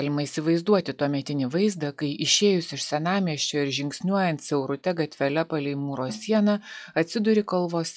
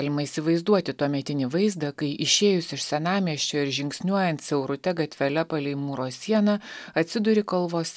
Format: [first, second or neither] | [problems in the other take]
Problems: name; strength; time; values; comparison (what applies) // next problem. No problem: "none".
second | noise reduction (classical method log-MMSE)